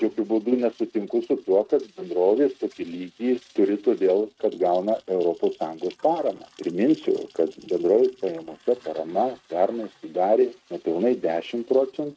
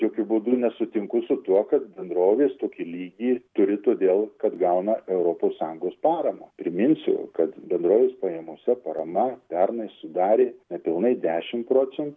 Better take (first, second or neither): second